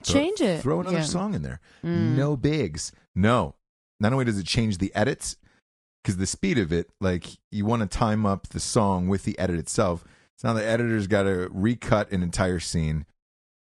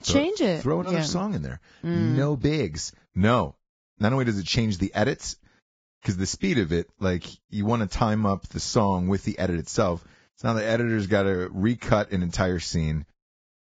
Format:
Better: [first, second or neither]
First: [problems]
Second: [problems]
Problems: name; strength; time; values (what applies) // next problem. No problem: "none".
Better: first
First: garbled, watery; slightly; nothing above 10 kHz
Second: garbled, watery; badly; nothing above 7.5 kHz